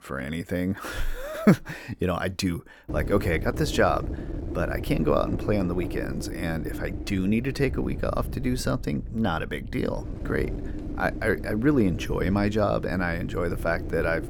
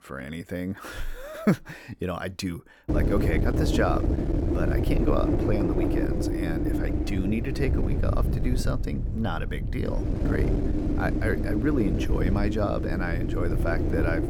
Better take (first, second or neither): first